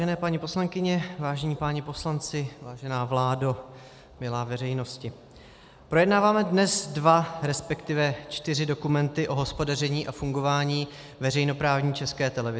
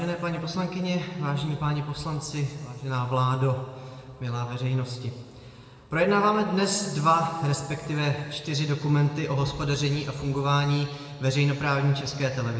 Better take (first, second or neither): first